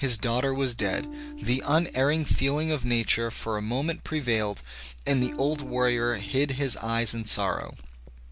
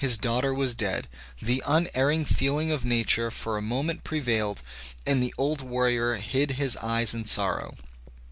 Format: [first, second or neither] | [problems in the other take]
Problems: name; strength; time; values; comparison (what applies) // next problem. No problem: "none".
second | background sound (Electric guitar / Strum); 13 dB below the speech